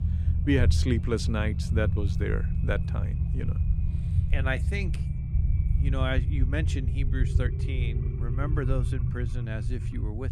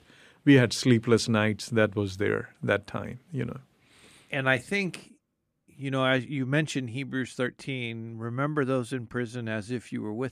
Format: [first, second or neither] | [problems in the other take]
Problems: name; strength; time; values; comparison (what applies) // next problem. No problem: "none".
second | low rumble; loud; throughout; 8 dB below the speech